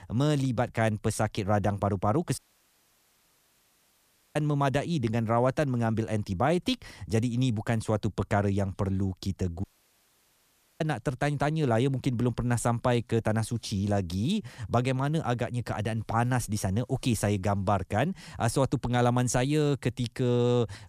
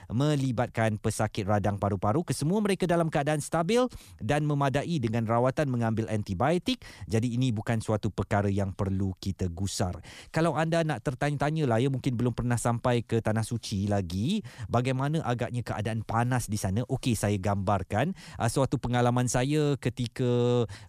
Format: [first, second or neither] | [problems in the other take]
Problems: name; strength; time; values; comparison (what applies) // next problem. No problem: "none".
second | audio cutting out; at 2.5 s for 2 s and at 9.5 s for 1 s